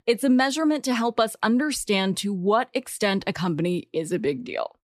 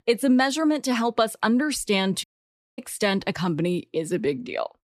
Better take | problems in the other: first | audio cutting out; at 2 s for 0.5 s

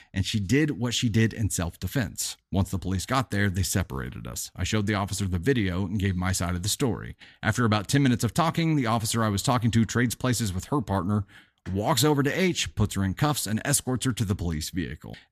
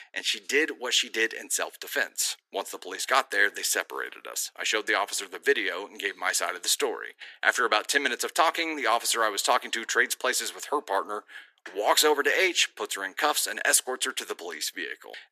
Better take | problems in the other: first | thin; very; fading below 400 Hz

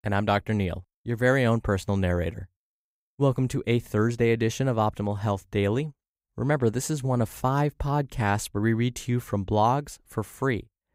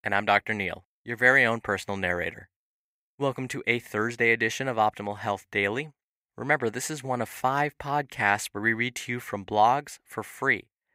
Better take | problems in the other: first | thin; somewhat; fading below 400 Hz

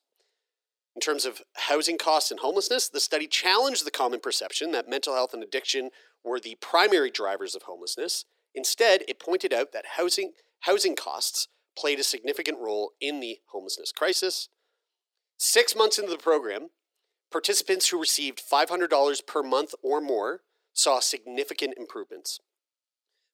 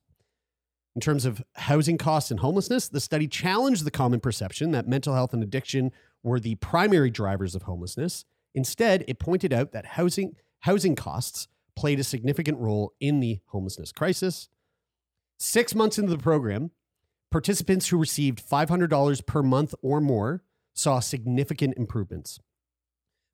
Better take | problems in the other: second | thin; very; fading below 350 Hz

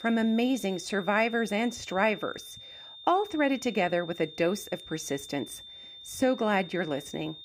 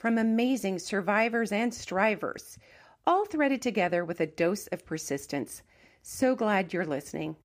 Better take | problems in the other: second | high-pitched whine; noticeable; throughout; 3.5 kHz, 15 dB below the speech

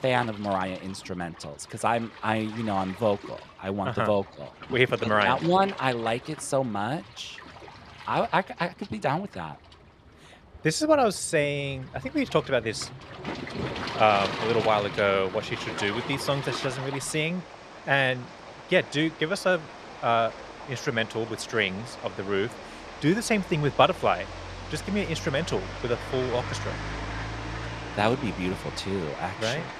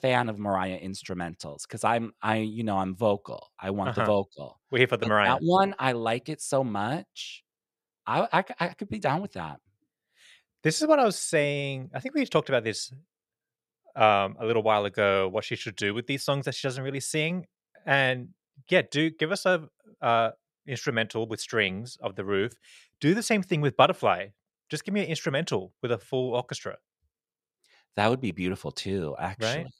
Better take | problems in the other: second | rain or running water; noticeable; throughout; 10 dB below the speech

